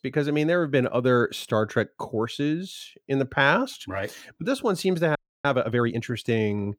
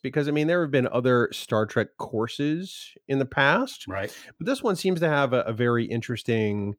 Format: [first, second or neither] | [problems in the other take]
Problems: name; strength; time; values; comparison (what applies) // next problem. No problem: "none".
second | audio freezing; at 5 s